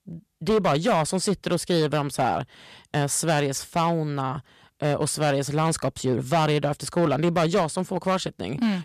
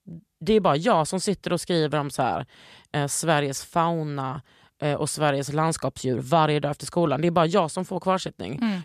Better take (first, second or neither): second